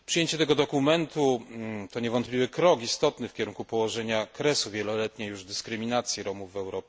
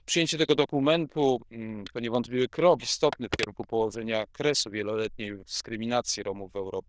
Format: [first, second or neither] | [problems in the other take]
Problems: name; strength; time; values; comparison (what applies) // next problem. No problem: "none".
first | noise reduction (neural diffusion model UNIVERSE++)